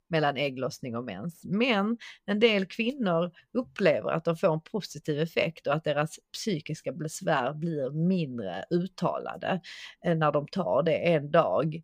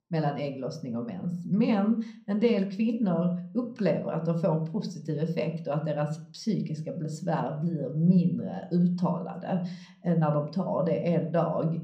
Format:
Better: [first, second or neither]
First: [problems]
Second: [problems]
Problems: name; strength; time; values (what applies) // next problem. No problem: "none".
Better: first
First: none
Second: room echo; slight; dies away in 0.6 s